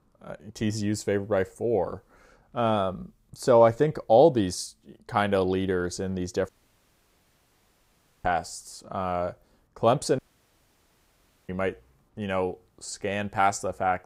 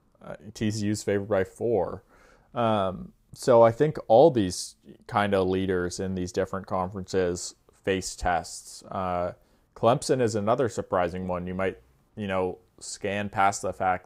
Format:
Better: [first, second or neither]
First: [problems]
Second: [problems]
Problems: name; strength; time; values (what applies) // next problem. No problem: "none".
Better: second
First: audio cutting out; at 6.5 s for 2 s and at 10 s for 1.5 s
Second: none